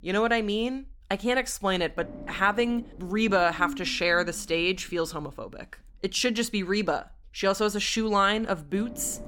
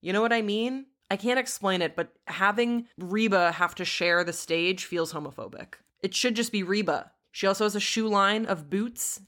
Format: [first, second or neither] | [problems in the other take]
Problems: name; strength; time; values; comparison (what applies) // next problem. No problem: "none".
second | low rumble; faint; throughout; 20 dB below the speech